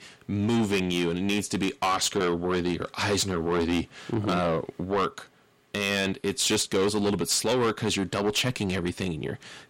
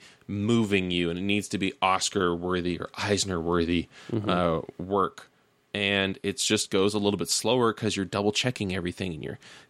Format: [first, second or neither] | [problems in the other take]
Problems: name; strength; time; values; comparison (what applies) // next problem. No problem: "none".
second | distortion; heavy; 8 dB below the speech